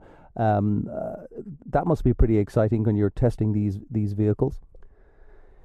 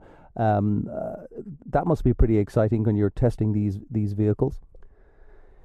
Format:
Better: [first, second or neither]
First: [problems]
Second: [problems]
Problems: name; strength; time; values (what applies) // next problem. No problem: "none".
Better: neither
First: muffled; very; fading above 1.5 kHz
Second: muffled; very; fading above 1.5 kHz